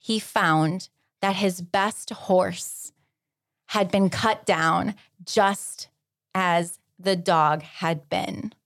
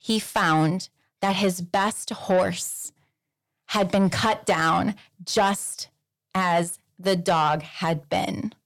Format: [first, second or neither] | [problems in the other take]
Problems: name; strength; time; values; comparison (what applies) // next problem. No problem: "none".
first | distortion; slight; 10 dB below the speech